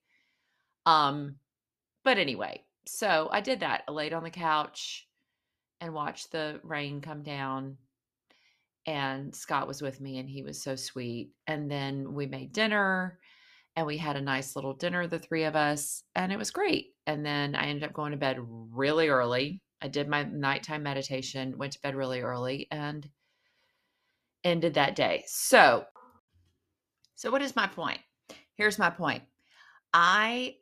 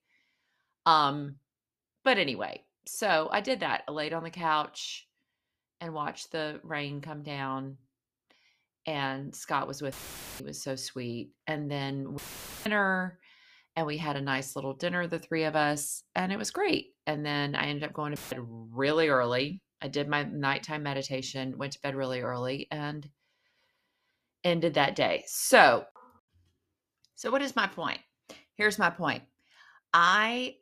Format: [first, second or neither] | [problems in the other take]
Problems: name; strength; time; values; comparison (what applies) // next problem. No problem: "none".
first | audio cutting out; filled with static; at 10 s, at 12 s and at 18 s